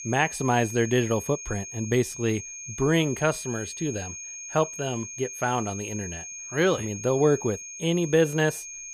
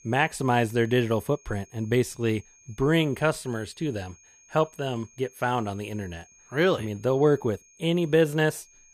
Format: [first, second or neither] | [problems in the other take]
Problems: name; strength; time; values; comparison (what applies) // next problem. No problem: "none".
second | high-pitched whine; loud; throughout; 6.5 kHz, 10 dB below the speech; faint in the second